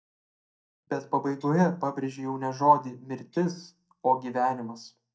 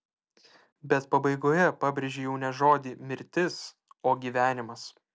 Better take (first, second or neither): second